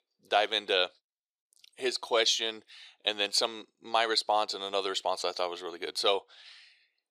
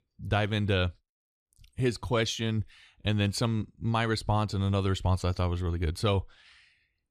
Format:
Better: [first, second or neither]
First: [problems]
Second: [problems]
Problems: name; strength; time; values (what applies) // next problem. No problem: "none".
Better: second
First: thin; very; fading below 400 Hz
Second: none